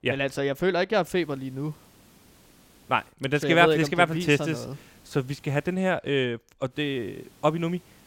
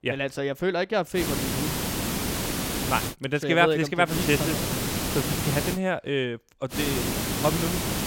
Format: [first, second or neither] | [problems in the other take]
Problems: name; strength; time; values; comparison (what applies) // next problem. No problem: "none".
first | hiss; loud; from 1 to 3 s, from 4 to 6 s and from 6.5 s on; 1 dB below the speech; faint in the first